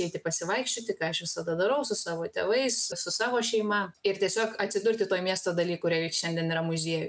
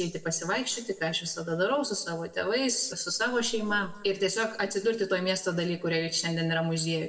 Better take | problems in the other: first | noise reduction (neural separator model SepFormer DNS4)

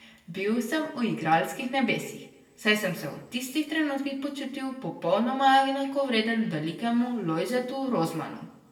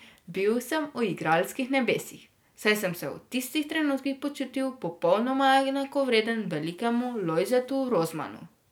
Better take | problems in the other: second | room echo; dies away in 0.6 s

